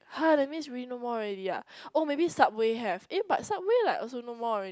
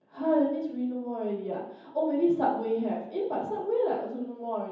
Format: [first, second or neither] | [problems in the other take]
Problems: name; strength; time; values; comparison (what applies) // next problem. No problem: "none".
first | room echo; dies away in 0.9 s